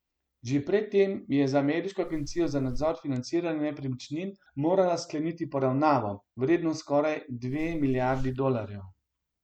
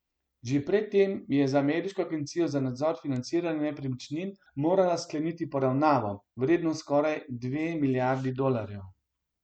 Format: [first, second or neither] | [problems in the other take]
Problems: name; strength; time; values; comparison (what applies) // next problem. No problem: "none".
second | background sound (Wind); 8 dB below the speech